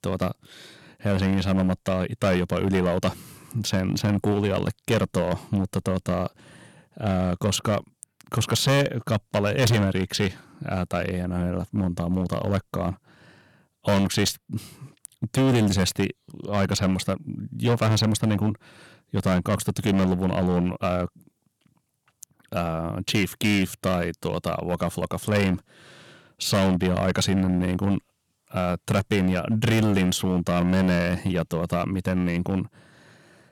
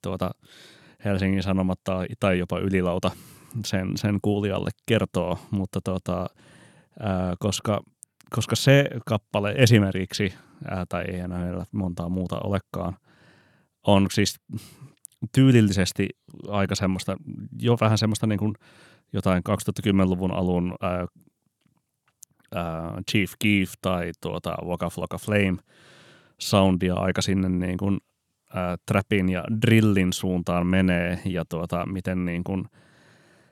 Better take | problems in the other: second | distortion; heavy; 8% of the sound clipped

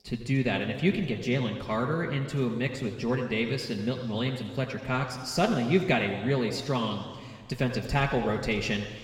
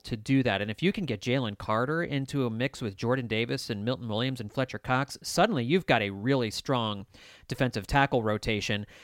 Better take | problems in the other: second | room echo; slight; dies away in 1.7 s

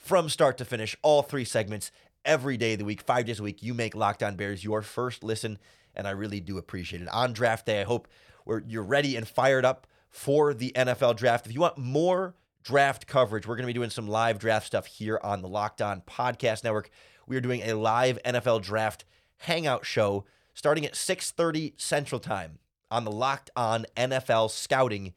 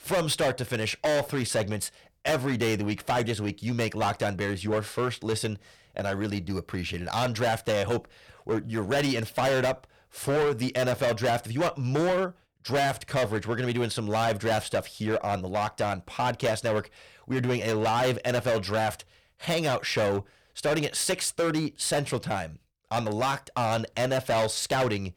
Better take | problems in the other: first | distortion; heavy; 14% of the sound clipped

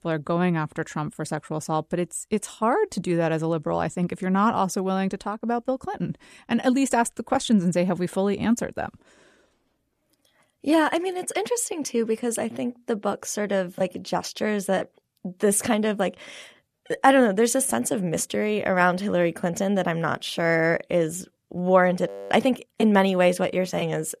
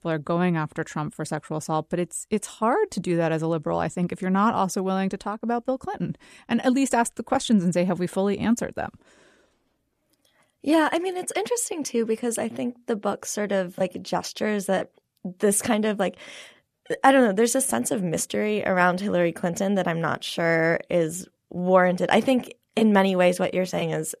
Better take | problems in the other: second | audio freezing; at 22 s

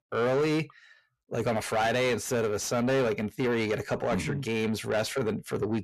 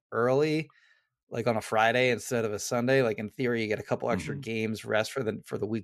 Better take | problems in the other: second | distortion; heavy; 8 dB below the speech

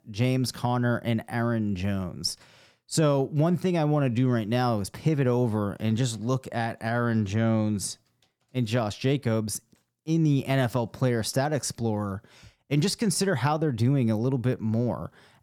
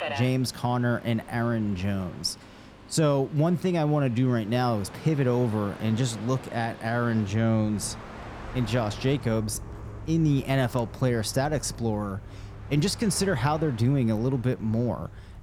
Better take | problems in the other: first | train or aircraft noise; noticeable; throughout; 15 dB below the speech

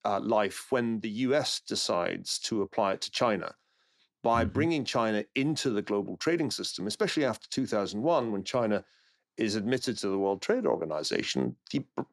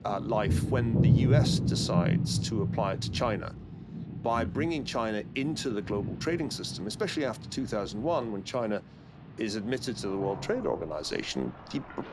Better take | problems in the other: first | rain or running water; very loud; throughout; 1 dB above the speech

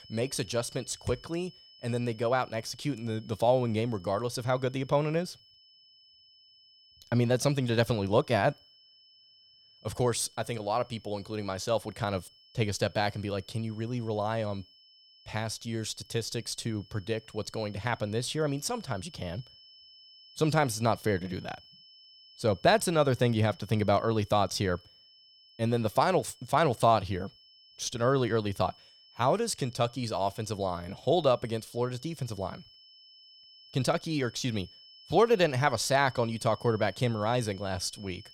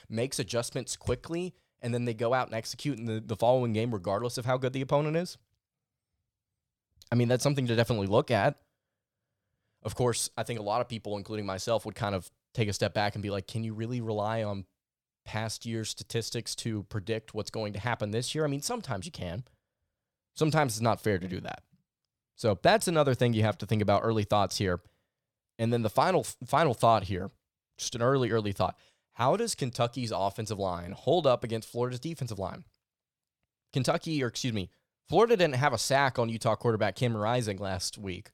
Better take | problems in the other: second | high-pitched whine; faint; throughout; 5.5 kHz, 25 dB below the speech

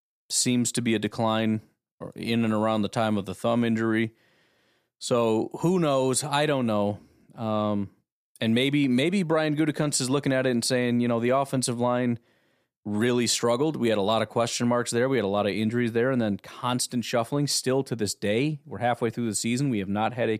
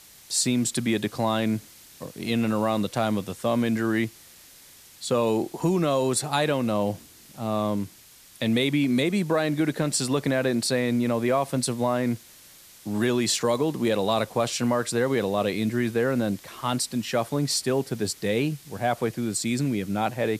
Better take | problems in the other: first | hiss; faint; throughout; 20 dB below the speech

